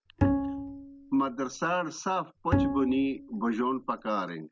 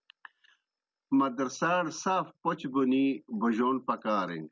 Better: second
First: background sound (Bowed string instrument); 1 dB below the speech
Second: none

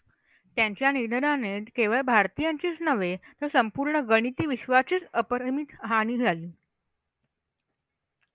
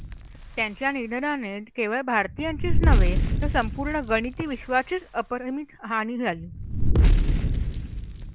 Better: first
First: none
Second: background sound (Fire); 5 dB above the speech

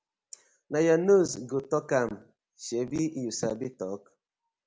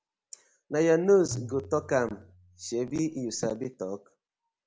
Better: first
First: none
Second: background sound (Tabla); 15 dB below the speech

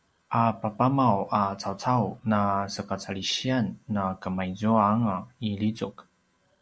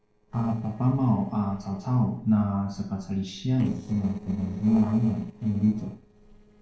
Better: first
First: none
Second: noise reduction (neural separator model SepFormer DNS4)

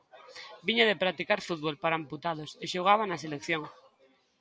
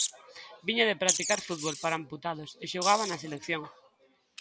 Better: first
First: none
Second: background sound (Wild animals); 5 dB below the speech

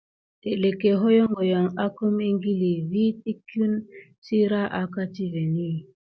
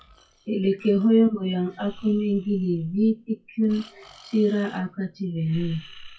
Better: first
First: none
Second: noise reduction (classical method WPE with log-MMSE)

